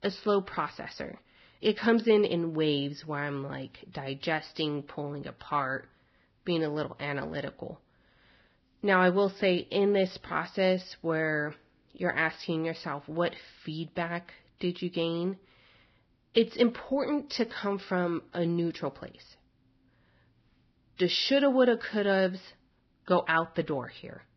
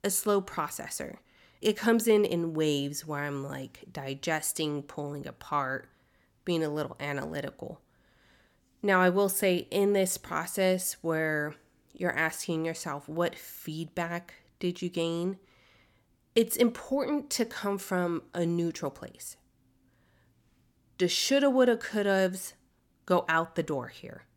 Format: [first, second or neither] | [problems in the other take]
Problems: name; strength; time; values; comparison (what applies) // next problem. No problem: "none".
second | garbled, watery; badly; nothing above 5.5 kHz